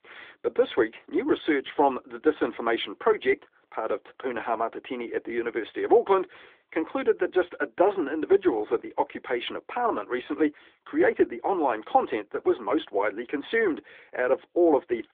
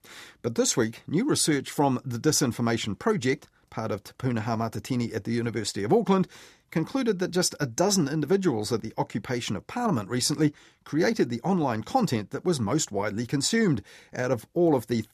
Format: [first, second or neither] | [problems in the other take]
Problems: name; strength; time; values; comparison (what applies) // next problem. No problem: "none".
second | phone-call audio; nothing above 3.5 kHz